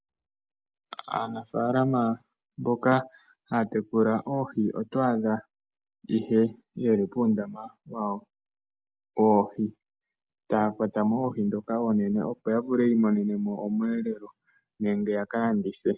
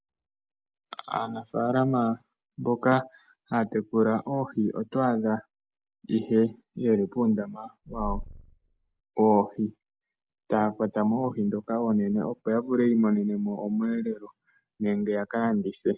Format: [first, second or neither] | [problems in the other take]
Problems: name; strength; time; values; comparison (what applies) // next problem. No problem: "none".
first | background sound (Purr); 10 dB below the speech